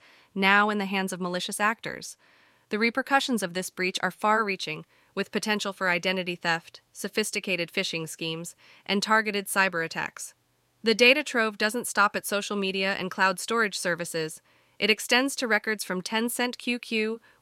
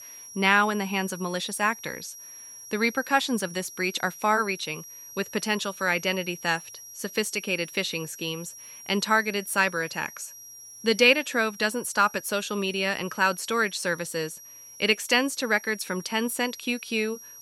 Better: first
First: none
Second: high-pitched whine; noticeable; throughout; 5.5 kHz, 15 dB below the speech

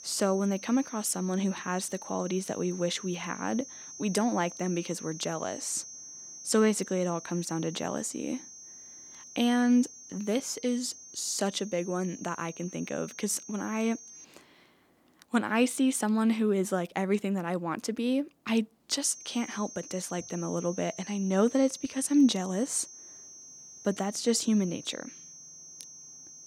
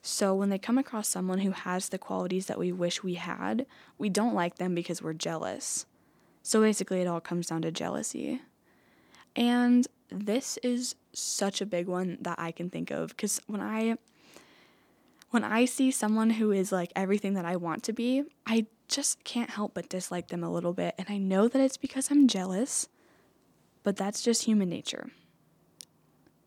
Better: second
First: high-pitched whine; noticeable; until 14 s and from 19 s on; 6.5 kHz, 15 dB below the speech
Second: none

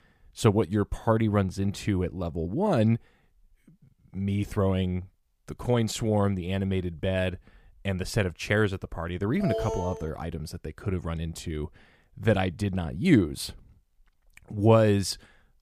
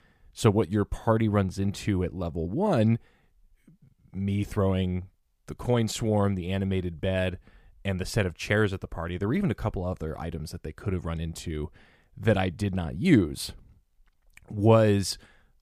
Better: second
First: alarm; noticeable; at 9.5 s; peak 4 dB below the speech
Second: none

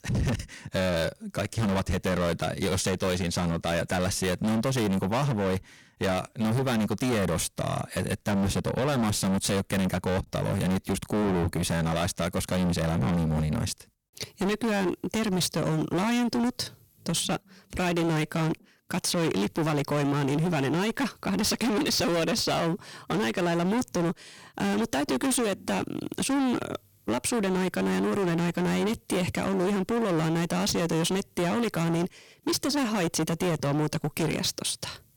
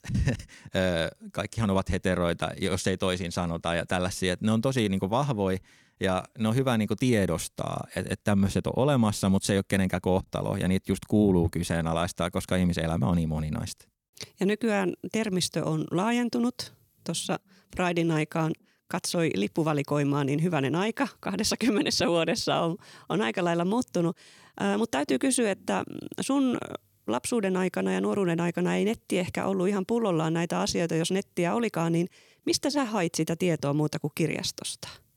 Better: second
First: distortion; heavy; 29% of the sound clipped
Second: none

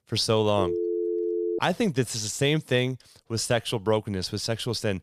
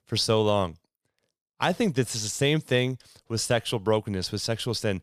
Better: second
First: phone ringing; noticeable; from 0.5 to 1.5 s; peak 1 dB below the speech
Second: none

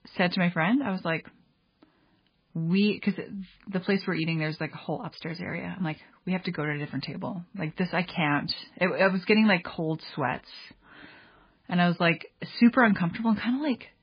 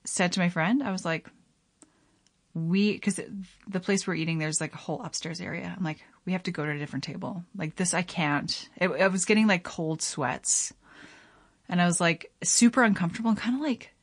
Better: second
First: garbled, watery; badly; nothing above 4.5 kHz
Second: garbled, watery; slightly; nothing above 8 kHz

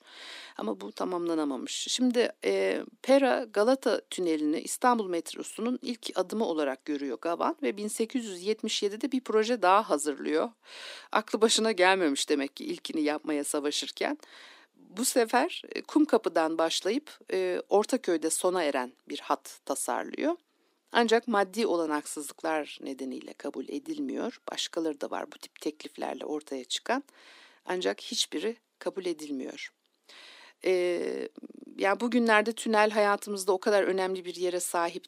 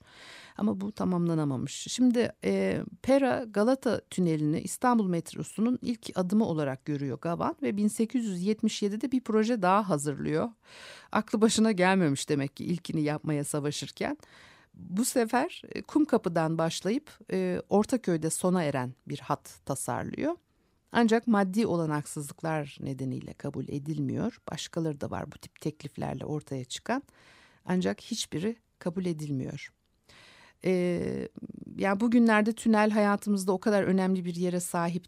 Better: second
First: thin; somewhat; fading below 250 Hz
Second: none

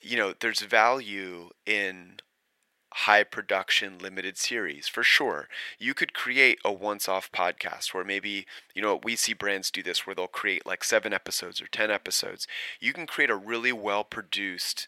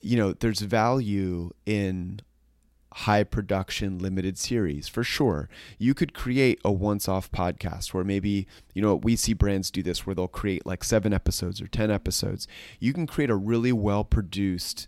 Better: second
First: thin; very; fading below 600 Hz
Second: none

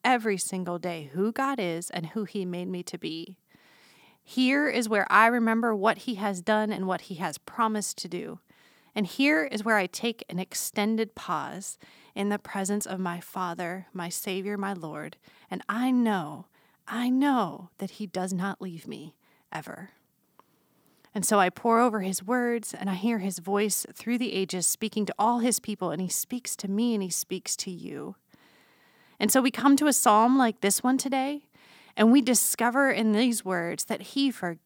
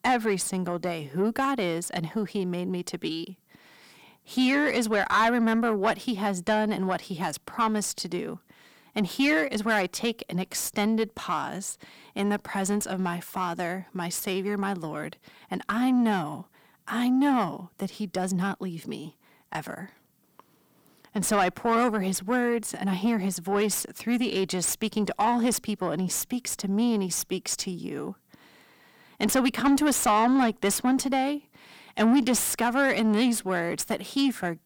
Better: first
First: none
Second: distortion; slight; 10 dB below the speech

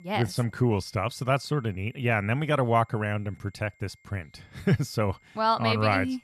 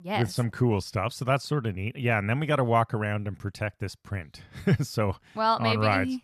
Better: second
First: high-pitched whine; faint; throughout; 2 kHz, 35 dB below the speech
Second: none

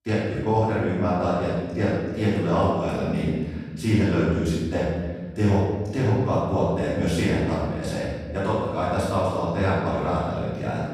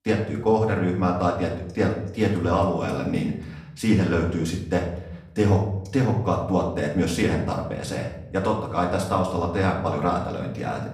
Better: second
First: room echo; strong; dies away in 1.4 s // off-mic speech; far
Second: room echo; slight; dies away in 0.6 s // off-mic speech; far

